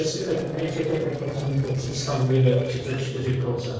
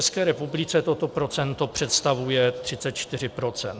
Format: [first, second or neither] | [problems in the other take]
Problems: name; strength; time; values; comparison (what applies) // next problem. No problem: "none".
second | noise reduction (neural separator model SepFormer DNS4)